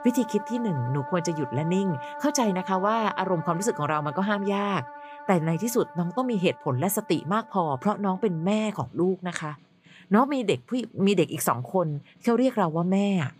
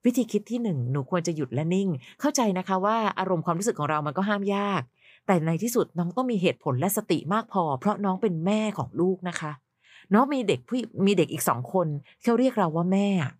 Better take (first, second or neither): second